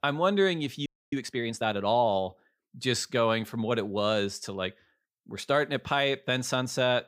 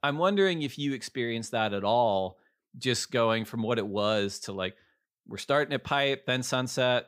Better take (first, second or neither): second